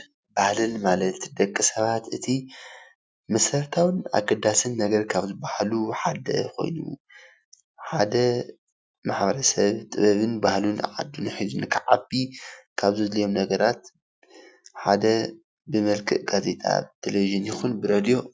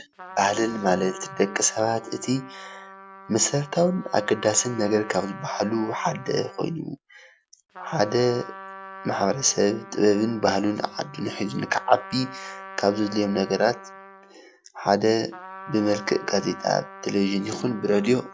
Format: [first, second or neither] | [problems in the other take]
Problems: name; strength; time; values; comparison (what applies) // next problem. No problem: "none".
first | background sound (Trumpet); 16 dB below the speech